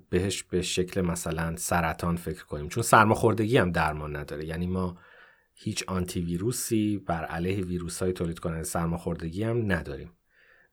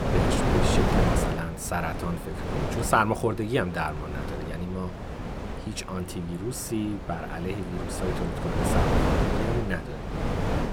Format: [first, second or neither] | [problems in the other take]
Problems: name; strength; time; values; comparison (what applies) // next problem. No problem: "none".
first | wind noise on the microphone; heavy; as loud as the speech